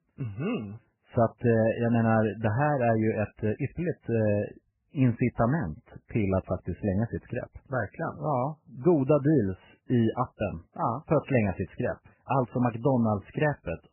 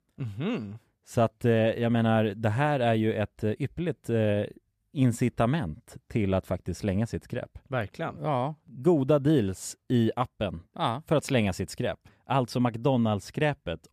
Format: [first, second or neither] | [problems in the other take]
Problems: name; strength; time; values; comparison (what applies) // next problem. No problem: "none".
second | garbled, watery; badly; nothing above 3 kHz